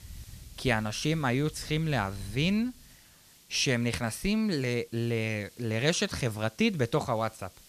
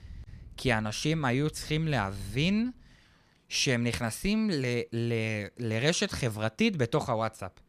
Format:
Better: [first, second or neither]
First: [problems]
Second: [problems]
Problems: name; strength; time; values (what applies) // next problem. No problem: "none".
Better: second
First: hiss; faint; throughout; 25 dB below the speech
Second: none